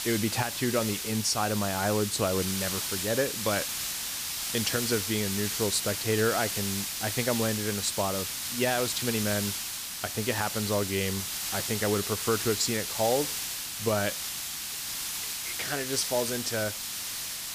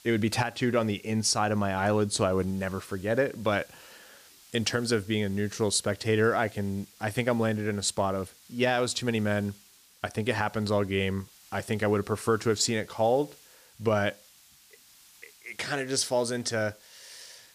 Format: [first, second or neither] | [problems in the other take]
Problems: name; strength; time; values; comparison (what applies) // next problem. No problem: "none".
second | hiss; loud; throughout; 1 dB below the speech; faint in the second